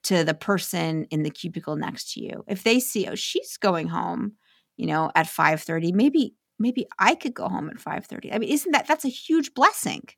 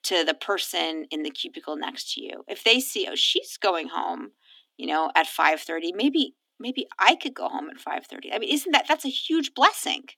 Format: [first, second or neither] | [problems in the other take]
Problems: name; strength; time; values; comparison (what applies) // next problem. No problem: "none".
first | thin; very slightly; fading below 250 Hz